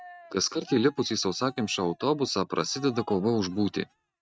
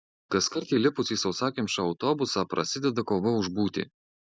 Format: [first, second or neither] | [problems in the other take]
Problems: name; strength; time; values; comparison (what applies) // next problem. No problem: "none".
second | noise reduction (neural mask model RNNoise)